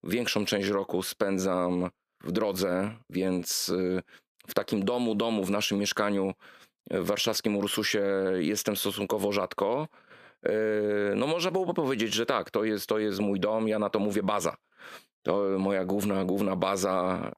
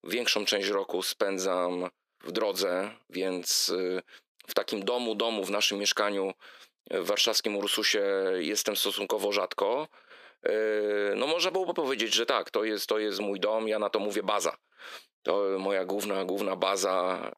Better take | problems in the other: first | thin; somewhat; fading below 400 Hz

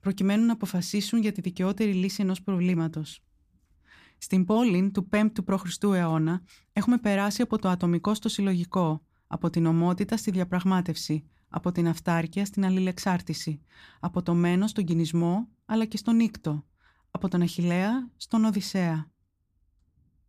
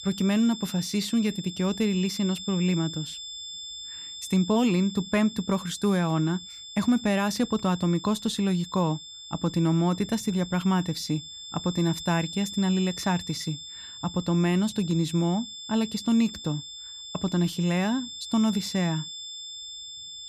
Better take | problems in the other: first | high-pitched whine; noticeable; throughout; 3.5 kHz, 10 dB below the speech

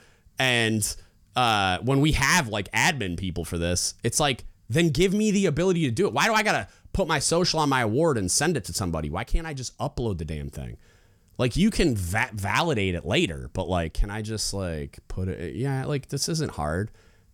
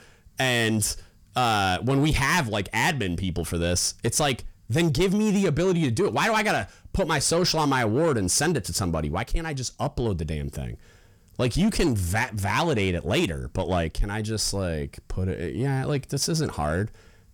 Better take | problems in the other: first | distortion; slight; 10 dB below the speech

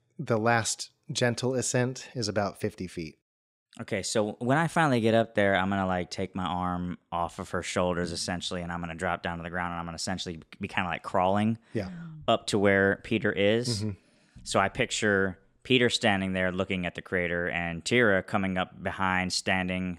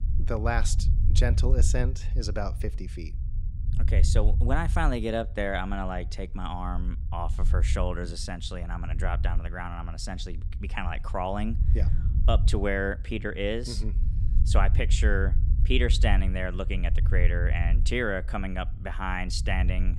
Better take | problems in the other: first | low rumble; noticeable; throughout; 15 dB below the speech

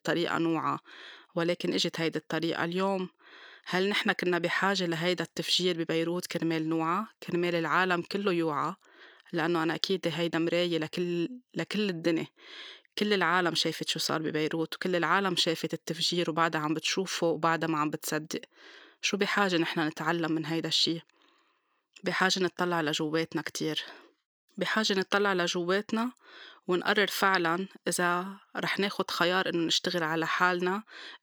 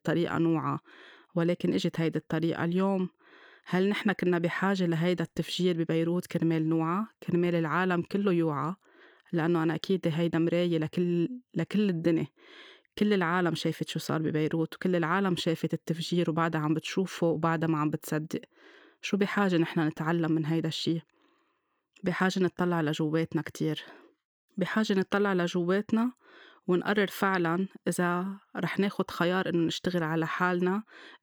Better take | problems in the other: second | thin; somewhat; fading below 1 kHz

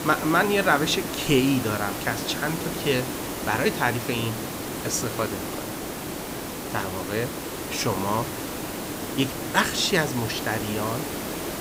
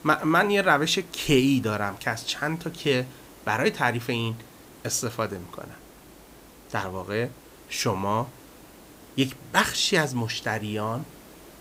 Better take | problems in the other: second | hiss; loud; throughout; 5 dB below the speech; faint in the second

